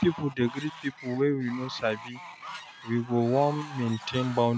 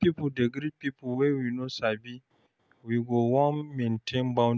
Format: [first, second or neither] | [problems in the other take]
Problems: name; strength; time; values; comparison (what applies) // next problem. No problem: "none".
second | background sound (Fowl); 15 dB below the speech